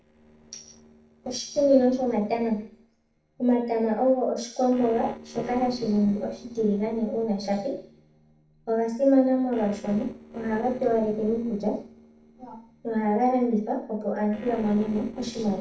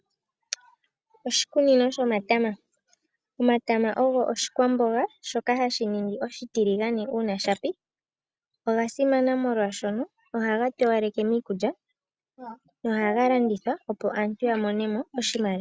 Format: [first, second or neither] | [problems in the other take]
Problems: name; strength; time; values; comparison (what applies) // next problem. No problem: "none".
second | noise reduction (neural separator model SepFormer DNS4)